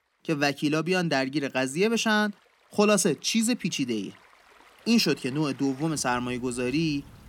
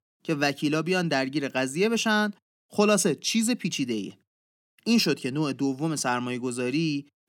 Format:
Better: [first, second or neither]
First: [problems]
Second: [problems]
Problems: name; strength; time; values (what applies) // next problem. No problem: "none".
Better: second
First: rain or running water; faint; throughout; 25 dB below the speech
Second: none